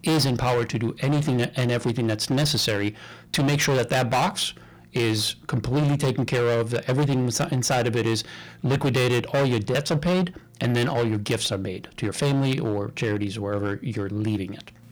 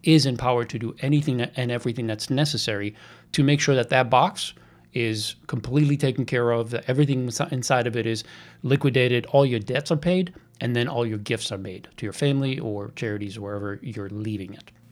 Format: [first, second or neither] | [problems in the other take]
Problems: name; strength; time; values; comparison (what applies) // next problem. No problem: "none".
second | distortion; heavy; 18% of the sound clipped